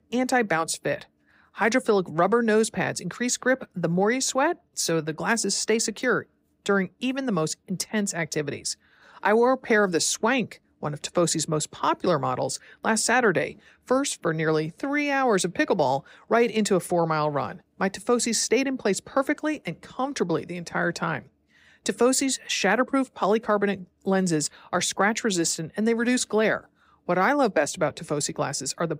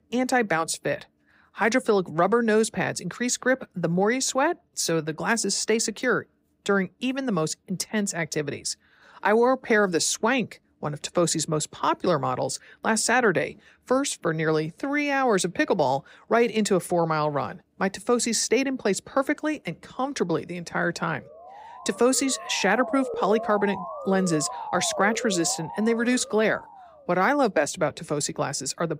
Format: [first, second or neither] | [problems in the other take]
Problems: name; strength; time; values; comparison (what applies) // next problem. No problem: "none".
first | siren; noticeable; from 21 to 27 s; peak 6 dB below the speech